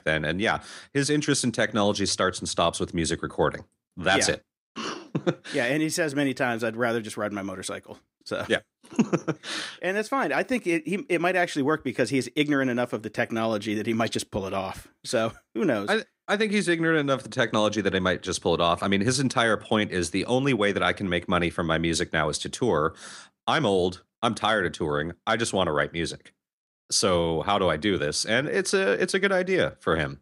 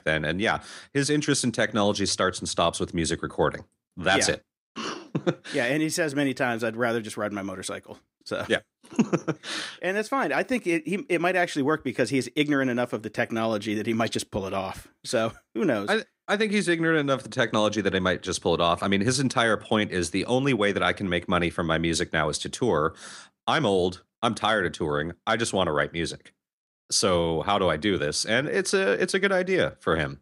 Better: neither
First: none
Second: none

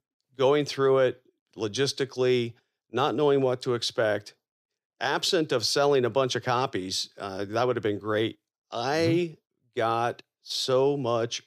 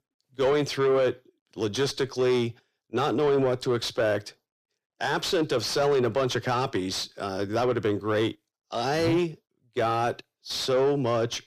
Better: first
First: none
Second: distortion; slight; 10 dB below the speech

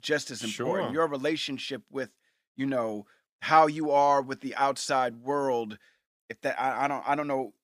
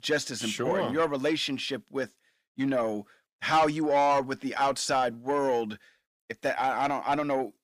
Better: first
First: none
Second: distortion; slight; 10 dB below the speech

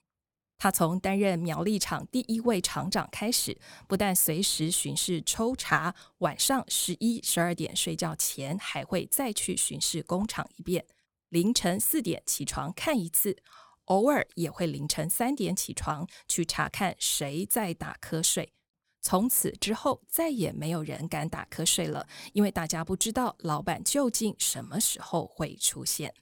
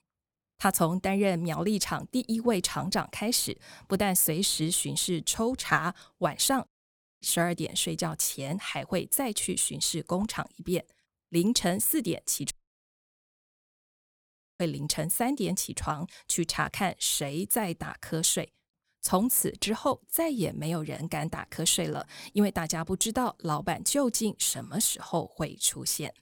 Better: first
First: none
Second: audio cutting out; at 6.5 s for 0.5 s and at 13 s for 2 s

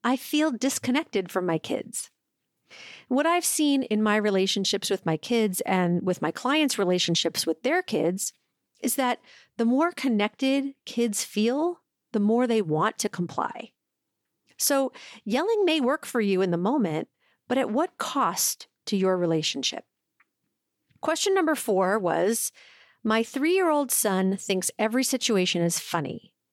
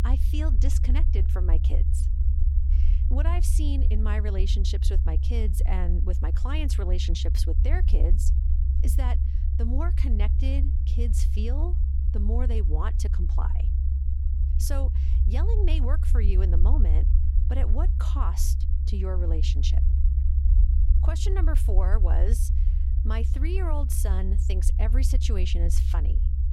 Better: first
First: none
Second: low rumble; loud; throughout; 6 dB below the speech

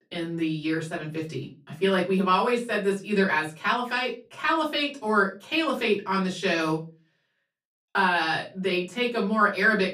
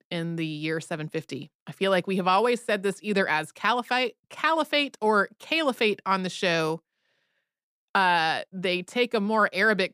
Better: second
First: off-mic speech; far // room echo; very slight; dies away in 0.3 s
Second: none

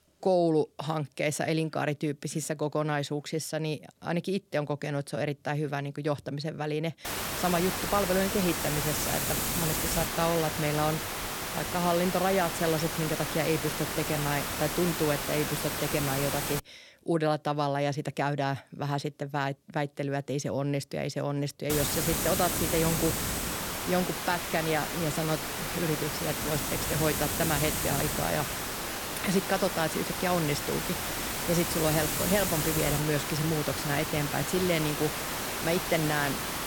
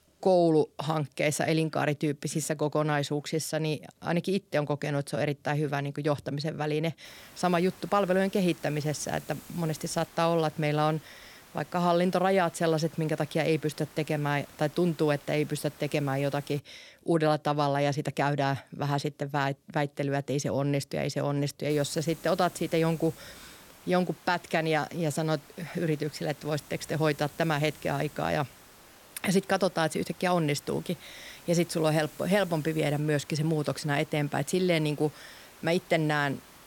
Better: second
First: hiss; loud; from 7 to 17 s and from 22 s on; as loud as the speech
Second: hiss; faint; from 7 to 17 s and from 22 s on; 20 dB below the speech

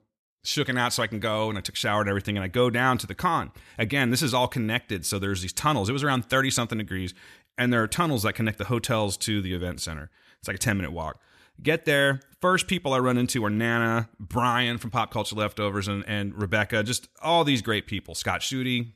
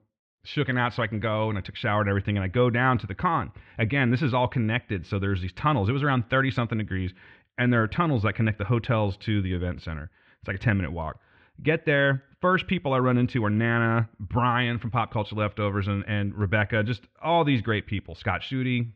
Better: first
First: none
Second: muffled; very; fading above 3 kHz

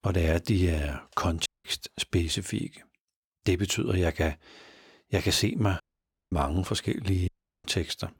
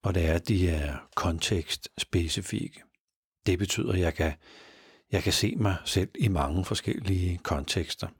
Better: second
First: audio cutting out; at 1.5 s, at 6 s for 0.5 s and at 7.5 s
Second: none

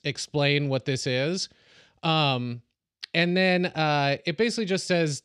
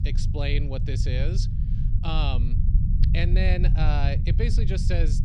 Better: first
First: none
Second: low rumble; loud; throughout; 7 dB below the speech

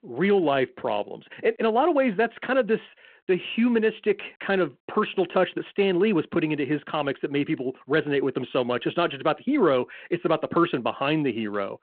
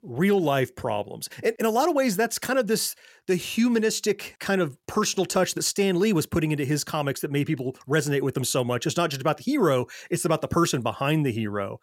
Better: second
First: phone-call audio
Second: none

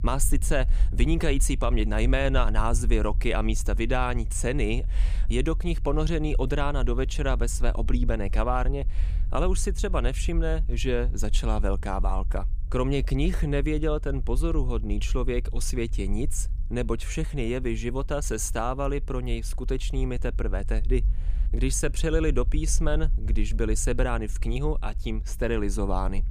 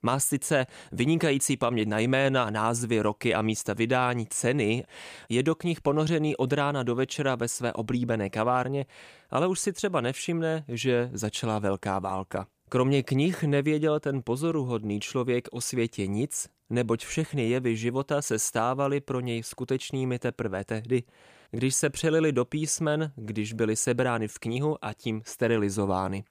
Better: second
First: low rumble; faint; throughout; 20 dB below the speech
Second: none

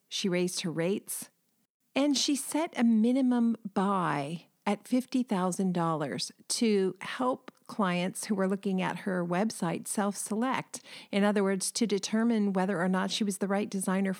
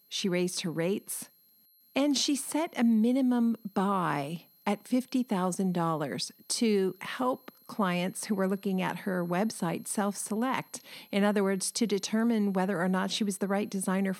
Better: first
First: none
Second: high-pitched whine; faint; throughout; 11.5 kHz, 30 dB below the speech

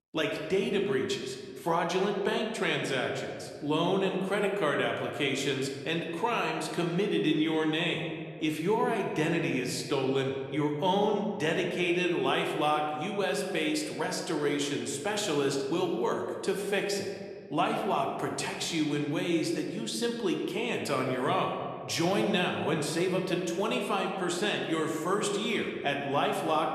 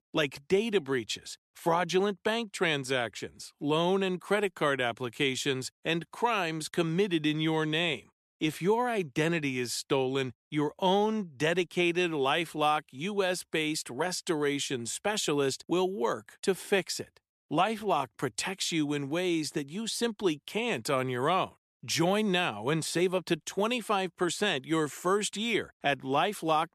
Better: second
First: room echo; slight; dies away in 1.7 s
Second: none

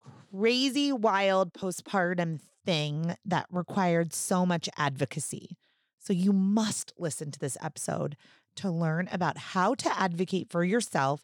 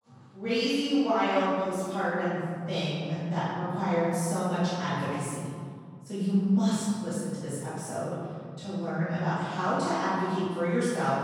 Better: first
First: none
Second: off-mic speech; far // room echo; strong; dies away in 1.9 s

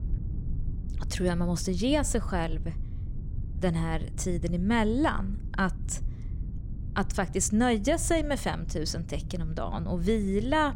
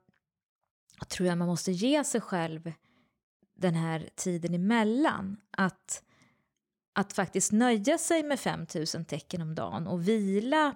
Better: second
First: low rumble; faint; throughout; 20 dB below the speech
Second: none

